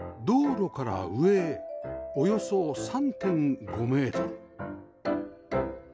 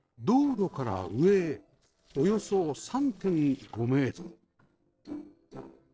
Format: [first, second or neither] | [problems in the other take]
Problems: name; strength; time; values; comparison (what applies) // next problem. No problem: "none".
first | noise reduction (neural separator model SepFormer DNS4)